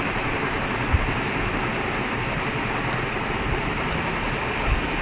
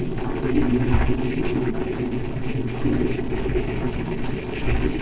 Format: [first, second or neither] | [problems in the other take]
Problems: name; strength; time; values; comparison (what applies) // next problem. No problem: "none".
first | noise reduction (neural separator model SepFormer DNS4)